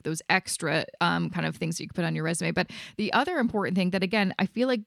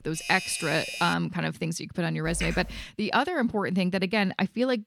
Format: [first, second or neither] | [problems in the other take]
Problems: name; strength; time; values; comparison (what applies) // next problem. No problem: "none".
first | doorbell; noticeable; until 1 s; peak 6 dB below the speech // keyboard typing; noticeable; at 2.5 s; peak 8 dB below the speech